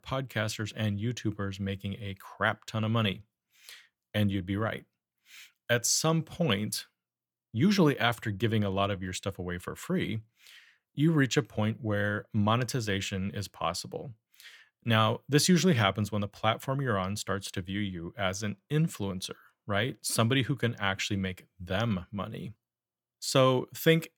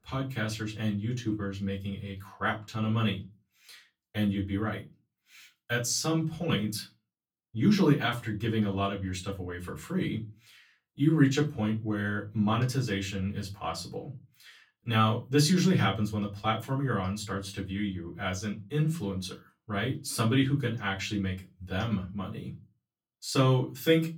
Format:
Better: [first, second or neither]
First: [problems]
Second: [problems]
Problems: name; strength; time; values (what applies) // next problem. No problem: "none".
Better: first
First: none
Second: off-mic speech; far // room echo; very slight; dies away in 0.2 s